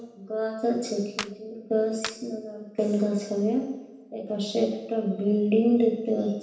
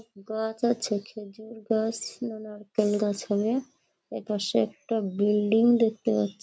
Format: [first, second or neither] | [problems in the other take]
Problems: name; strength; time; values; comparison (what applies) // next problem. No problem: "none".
second | background sound (Clapping); 14 dB below the speech // room echo; dies away in 0.9 s